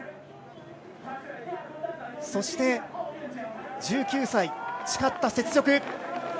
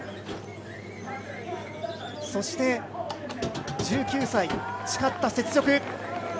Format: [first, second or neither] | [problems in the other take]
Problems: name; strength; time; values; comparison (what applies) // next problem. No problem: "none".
first | background sound (Squeak); 8 dB below the speech